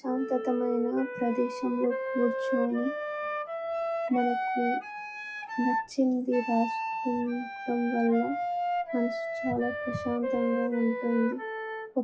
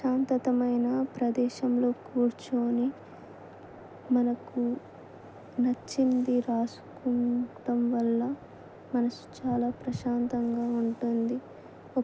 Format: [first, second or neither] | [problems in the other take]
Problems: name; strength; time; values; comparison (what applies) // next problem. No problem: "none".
second | noise reduction (classical method WPE with log-MMSE)